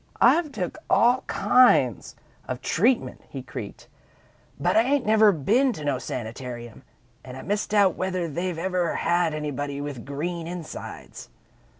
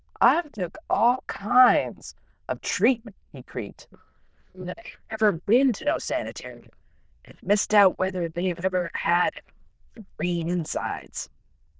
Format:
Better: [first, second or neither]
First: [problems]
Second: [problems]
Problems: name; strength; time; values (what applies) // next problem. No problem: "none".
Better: first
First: none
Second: noise reduction (neural diffusion model UNIVERSE++)